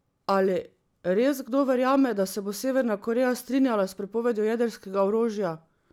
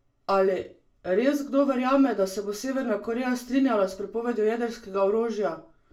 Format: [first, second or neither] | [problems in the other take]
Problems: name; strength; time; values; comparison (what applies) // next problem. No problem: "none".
first | room echo; dies away in 0.3 s